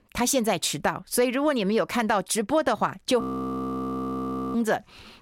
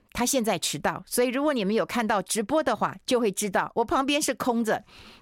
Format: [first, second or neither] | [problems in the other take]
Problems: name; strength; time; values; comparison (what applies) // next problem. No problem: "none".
second | audio freezing; at 3 s for 1.5 s